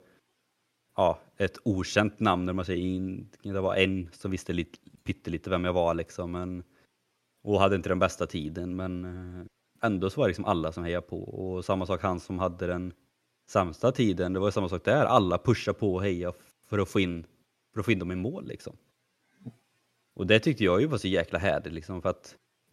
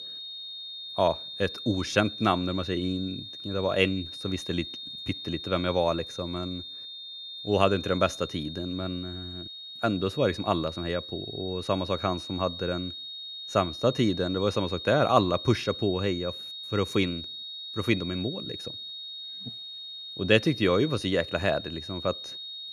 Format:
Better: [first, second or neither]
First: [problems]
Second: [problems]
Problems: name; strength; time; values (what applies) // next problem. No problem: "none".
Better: first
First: none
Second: high-pitched whine; loud; throughout; 4 kHz, 9 dB below the speech